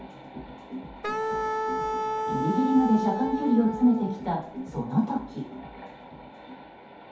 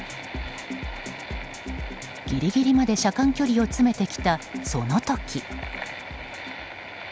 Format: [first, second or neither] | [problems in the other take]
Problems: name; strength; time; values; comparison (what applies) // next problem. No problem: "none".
second | background sound (Wind instrument, woodwind instrument); 3 dB below the speech // room echo; dies away in 0.5 s